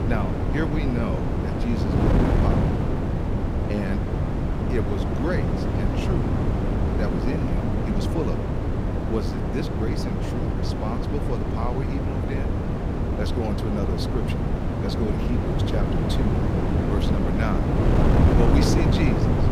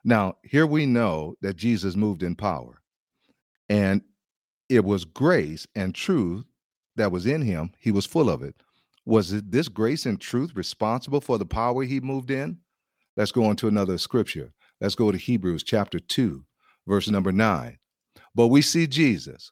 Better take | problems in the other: second | wind noise on the microphone; heavy; 3 dB above the speech

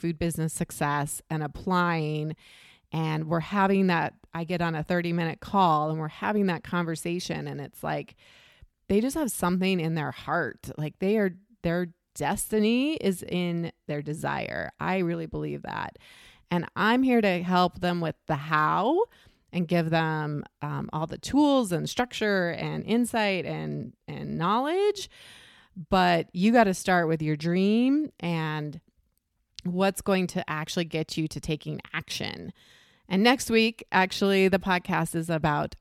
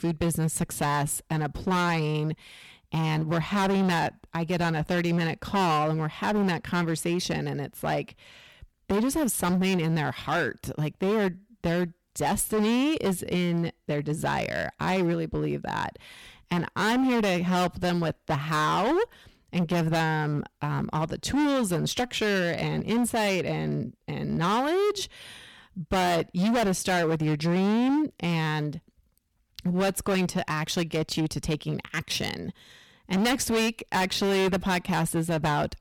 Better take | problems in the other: first | distortion; heavy; 17% of the sound clipped

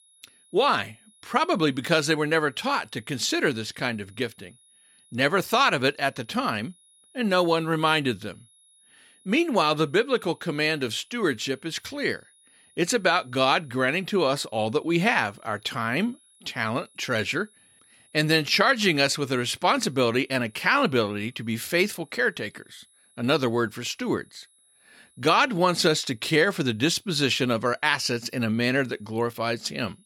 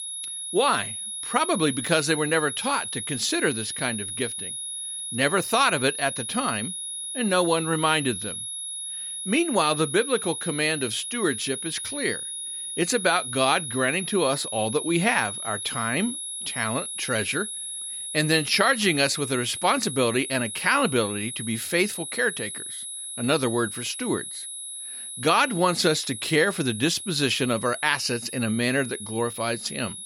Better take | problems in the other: first | high-pitched whine; loud; throughout; 10.5 kHz, 6 dB below the speech; faint in the first

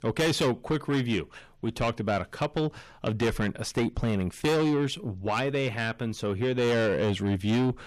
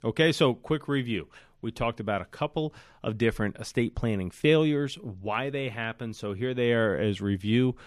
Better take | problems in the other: second | distortion; heavy; 7 dB below the speech

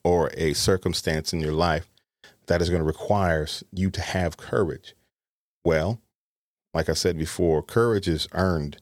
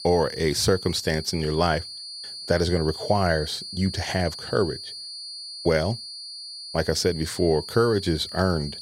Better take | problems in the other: first | high-pitched whine; loud; throughout; 4.5 kHz, 10 dB below the speech

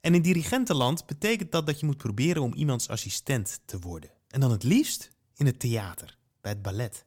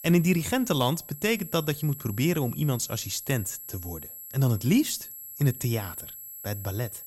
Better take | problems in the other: first | high-pitched whine; noticeable; throughout; 11.5 kHz, 10 dB below the speech

